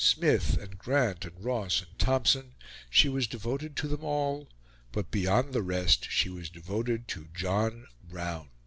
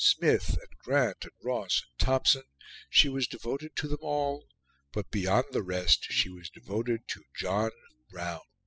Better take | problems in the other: first | noise reduction (classical method spectral subtraction)

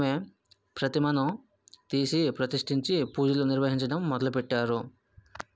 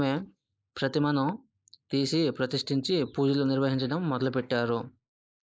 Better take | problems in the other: first | noise reduction (neural mask model Resemble Enhance denoiser)

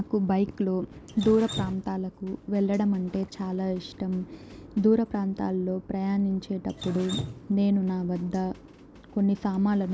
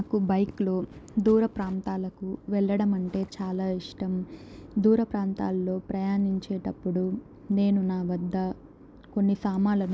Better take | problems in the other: second | background sound (Drip); 17 dB below the speech

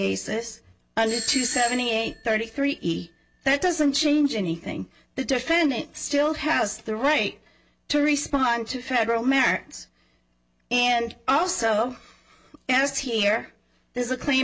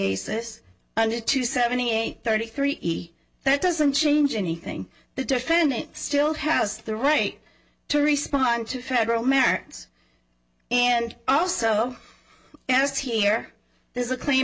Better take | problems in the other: second | background sound (Doorbell); 10 dB below the speech

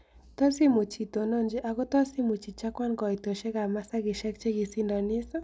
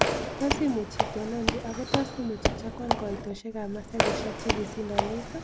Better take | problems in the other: first | background sound (Squeak / Walk, footsteps); 2 dB above the speech

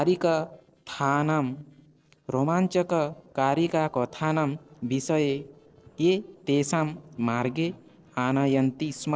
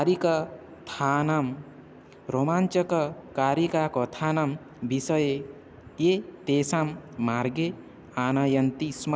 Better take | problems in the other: second | noise reduction (neural separator model SepFormer DNS4)

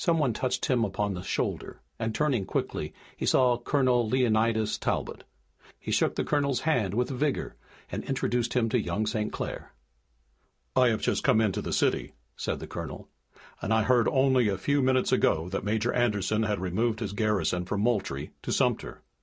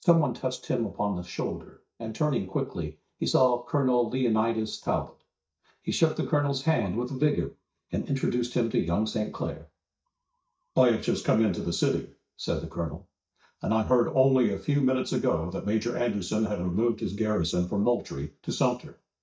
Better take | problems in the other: first | noise reduction (neural mask model DeepFilterNet 3)

